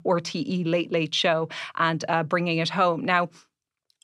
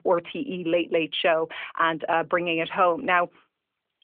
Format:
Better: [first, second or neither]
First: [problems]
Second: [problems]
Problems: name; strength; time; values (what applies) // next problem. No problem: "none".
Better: first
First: none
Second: phone-call audio; nothing above 3.5 kHz